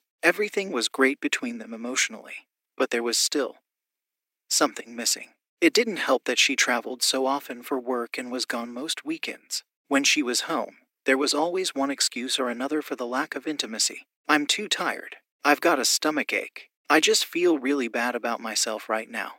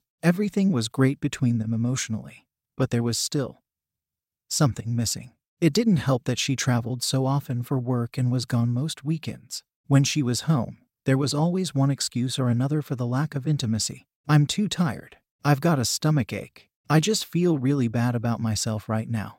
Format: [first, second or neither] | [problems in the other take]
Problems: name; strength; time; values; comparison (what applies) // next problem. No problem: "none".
second | thin; somewhat; fading below 300 Hz